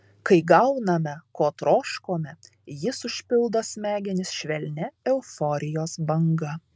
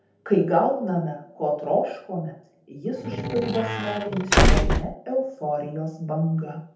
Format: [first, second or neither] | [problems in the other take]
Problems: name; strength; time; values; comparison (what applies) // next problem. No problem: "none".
first | background sound (Squeak / Slam / Wood); 5 dB above the speech // room echo; dies away in 0.6 s